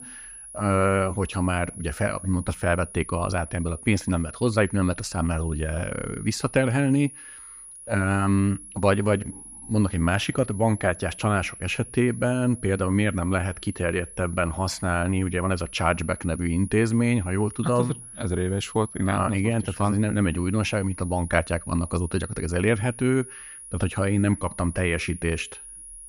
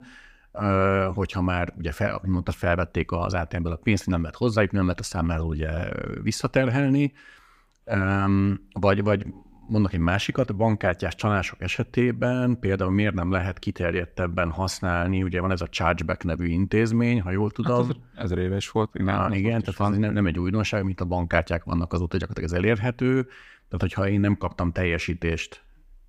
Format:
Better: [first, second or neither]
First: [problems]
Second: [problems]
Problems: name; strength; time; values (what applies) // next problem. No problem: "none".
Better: second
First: high-pitched whine; noticeable; throughout; 10.5 kHz, 15 dB below the speech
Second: none